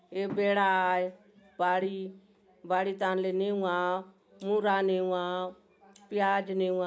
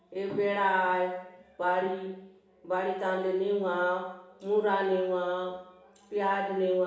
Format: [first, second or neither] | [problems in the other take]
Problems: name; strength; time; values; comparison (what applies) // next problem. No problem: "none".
first | room echo; dies away in 0.8 s